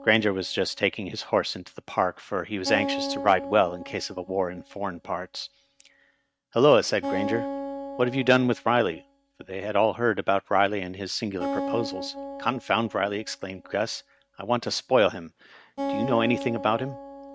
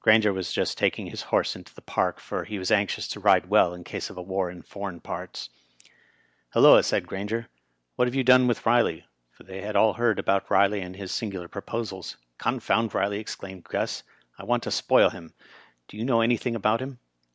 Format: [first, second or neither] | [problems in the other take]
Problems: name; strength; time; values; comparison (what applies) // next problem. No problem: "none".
second | noise reduction (neural mask model RNNoise)